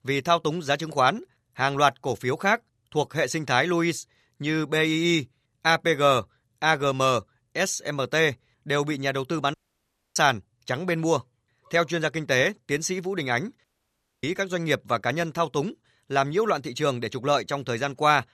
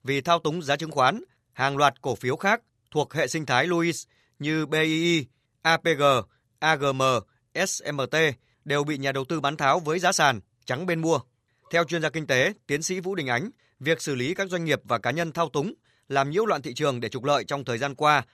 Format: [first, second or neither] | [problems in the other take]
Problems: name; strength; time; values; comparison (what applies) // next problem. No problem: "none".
second | audio cutting out; at 9.5 s for 0.5 s and at 14 s for 0.5 s